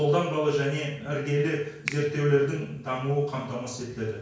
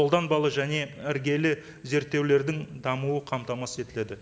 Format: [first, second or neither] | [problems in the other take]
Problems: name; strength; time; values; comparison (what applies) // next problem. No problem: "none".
second | background sound (Finger snapping); 17 dB below the speech // room echo; dies away in 0.5 s